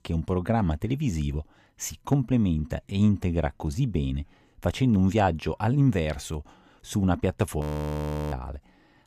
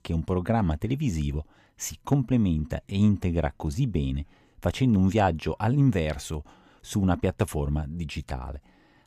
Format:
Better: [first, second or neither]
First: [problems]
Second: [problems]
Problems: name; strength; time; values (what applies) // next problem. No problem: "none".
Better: second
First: audio freezing; at 7.5 s for 0.5 s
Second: none